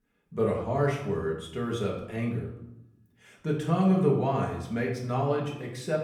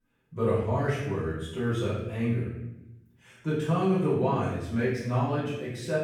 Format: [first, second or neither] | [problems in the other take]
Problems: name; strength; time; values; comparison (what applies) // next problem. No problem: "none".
first | room echo; strong; dies away in 0.9 s; slight in the first // off-mic speech; far; far in the first